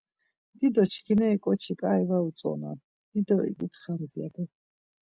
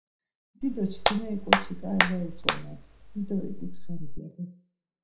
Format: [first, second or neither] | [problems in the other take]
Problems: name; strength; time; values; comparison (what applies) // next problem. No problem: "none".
first | background sound (Hands); 5 dB above the speech // room echo; dies away in 0.5 s